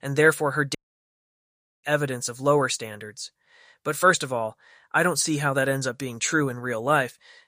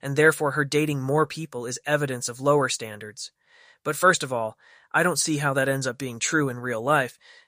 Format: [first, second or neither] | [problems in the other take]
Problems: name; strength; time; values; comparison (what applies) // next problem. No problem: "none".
second | audio cutting out; at 1 s for 1 s